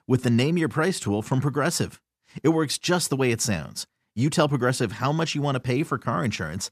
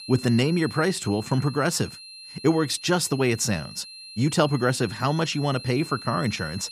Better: first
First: none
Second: high-pitched whine; noticeable; throughout; 4 kHz, 15 dB below the speech

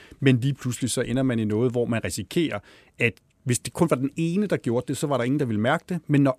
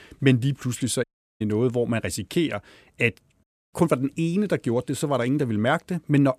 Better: first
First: none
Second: audio cutting out; at 1 s and at 3.5 s

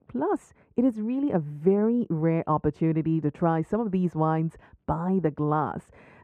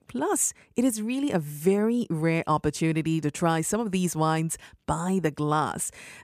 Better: second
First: muffled; very; fading above 3 kHz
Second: none

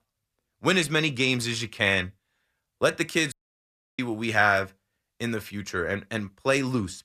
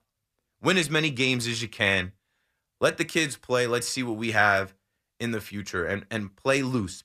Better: second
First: audio cutting out; at 3.5 s for 0.5 s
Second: none

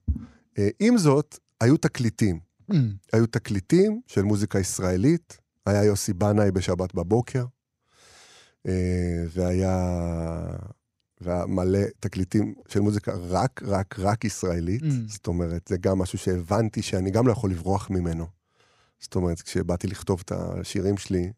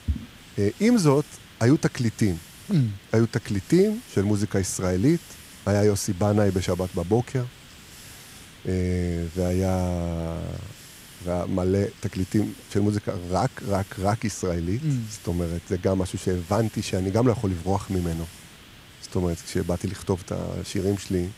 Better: first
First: none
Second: hiss; noticeable; throughout; 20 dB below the speech

